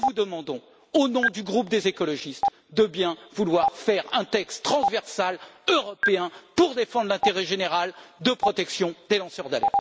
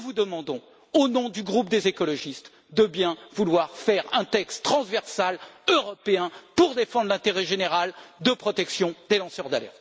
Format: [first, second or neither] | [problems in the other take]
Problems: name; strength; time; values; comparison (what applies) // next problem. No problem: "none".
second | background sound (Stream); 6 dB below the speech